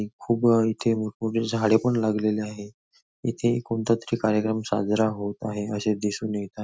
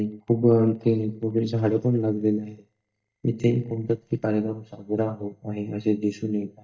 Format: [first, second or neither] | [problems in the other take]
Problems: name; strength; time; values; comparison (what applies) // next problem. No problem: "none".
first | noise reduction (neural mask model DeepFilterNet 3)